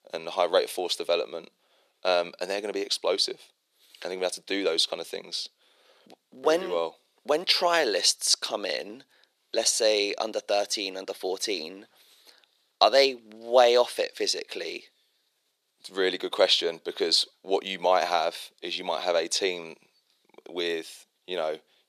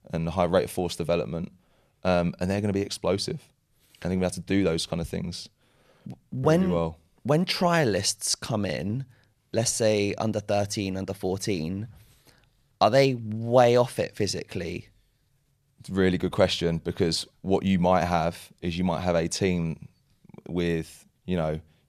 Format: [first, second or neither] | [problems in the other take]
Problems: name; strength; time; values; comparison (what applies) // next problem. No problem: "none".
second | thin; very; fading below 350 Hz